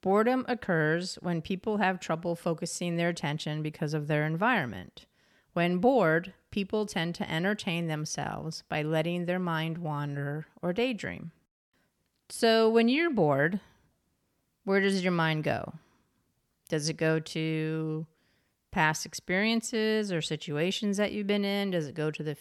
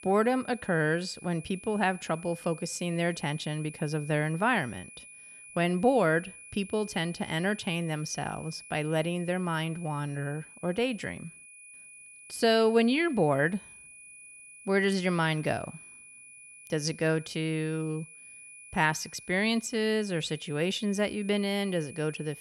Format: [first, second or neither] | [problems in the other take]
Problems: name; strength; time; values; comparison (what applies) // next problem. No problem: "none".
first | high-pitched whine; noticeable; throughout; 2.5 kHz, 15 dB below the speech